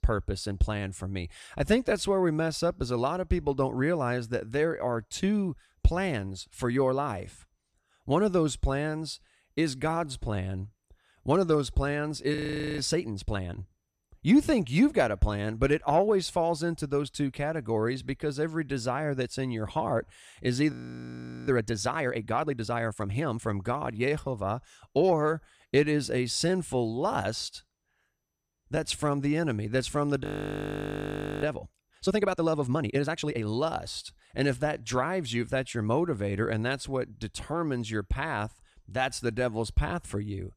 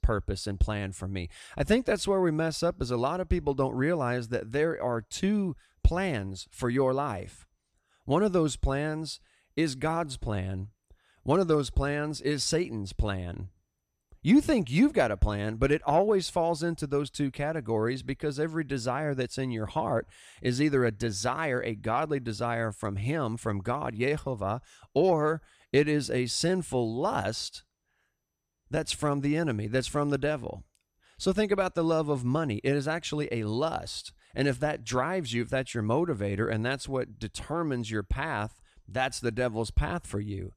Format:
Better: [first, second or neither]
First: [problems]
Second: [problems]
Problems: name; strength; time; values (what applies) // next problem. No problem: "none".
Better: second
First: audio freezing; at 12 s, at 21 s for 1 s and at 30 s for 1 s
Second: none